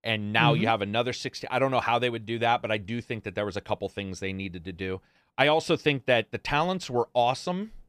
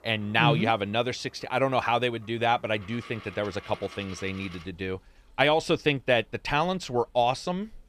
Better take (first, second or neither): first